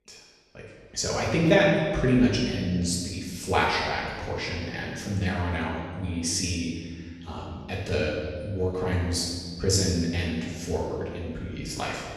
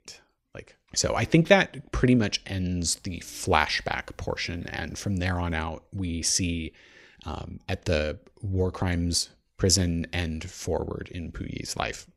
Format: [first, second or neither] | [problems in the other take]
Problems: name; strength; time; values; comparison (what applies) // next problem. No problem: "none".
second | room echo; noticeable; dies away in 1.4 s // off-mic speech; far